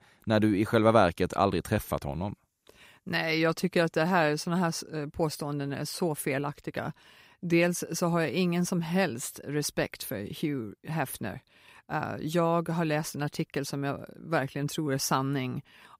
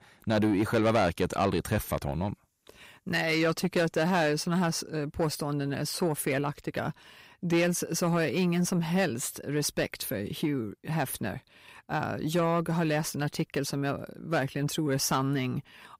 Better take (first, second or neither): first